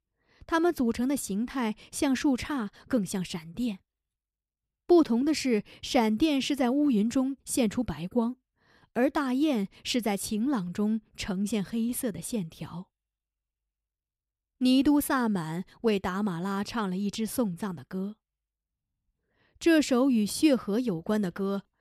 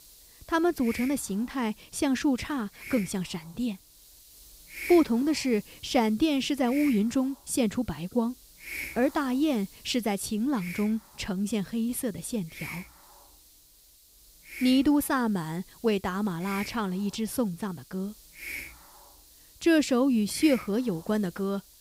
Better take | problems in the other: first | hiss; noticeable; throughout; 15 dB below the speech

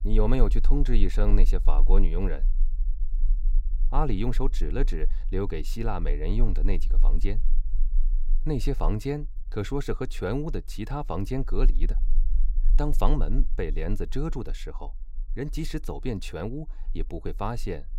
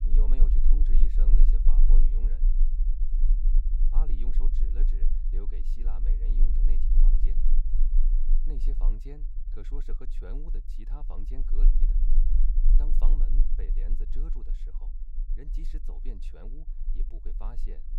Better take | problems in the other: first | low rumble; loud; throughout; 3 dB below the speech; faint in the first

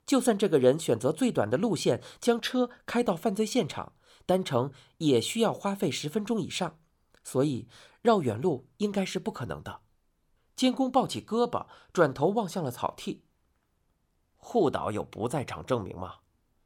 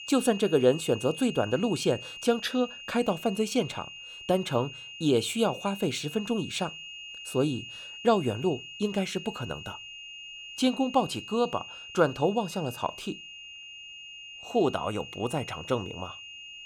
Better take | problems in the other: first | high-pitched whine; noticeable; throughout; 3 kHz, 10 dB below the speech

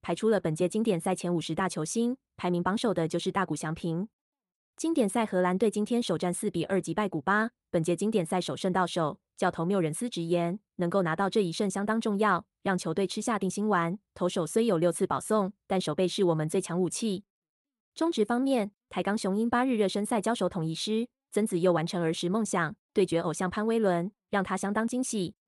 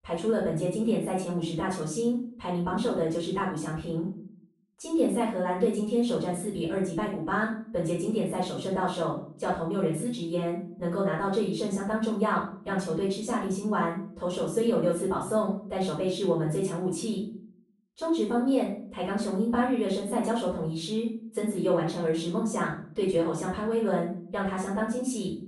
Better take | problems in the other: first | off-mic speech; far // room echo; noticeable; dies away in 0.4 s

